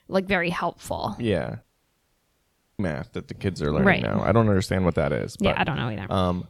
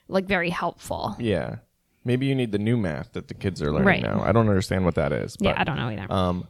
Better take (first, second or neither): second